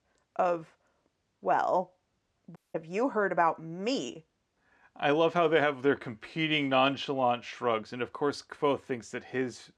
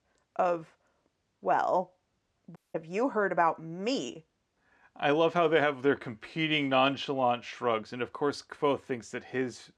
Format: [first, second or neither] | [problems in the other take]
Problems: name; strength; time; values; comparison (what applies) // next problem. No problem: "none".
neither | audio cutting out; at 2.5 s; the same in both